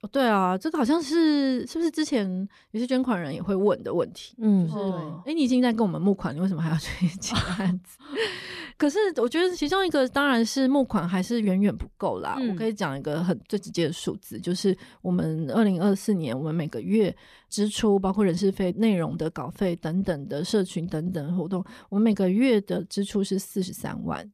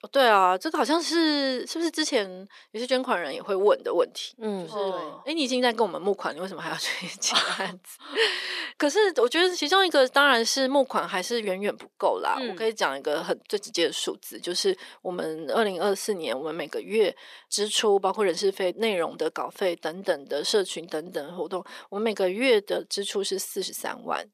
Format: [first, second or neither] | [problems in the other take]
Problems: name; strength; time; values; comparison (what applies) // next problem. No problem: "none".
first | thin; very; fading below 400 Hz